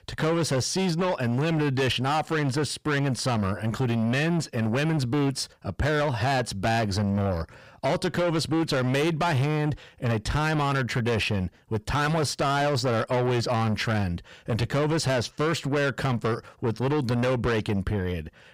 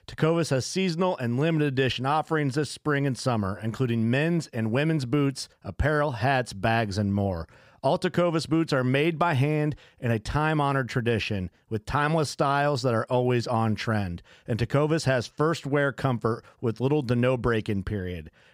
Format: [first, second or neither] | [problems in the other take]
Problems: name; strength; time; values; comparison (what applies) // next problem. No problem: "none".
second | distortion; heavy; 7 dB below the speech